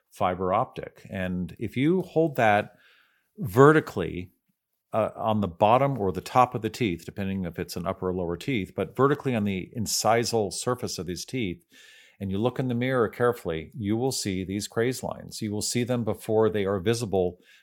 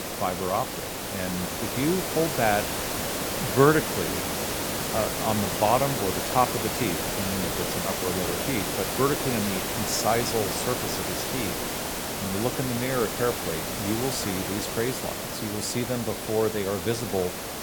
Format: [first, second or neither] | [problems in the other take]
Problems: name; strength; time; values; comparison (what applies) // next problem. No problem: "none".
first | hiss; loud; throughout; as loud as the speech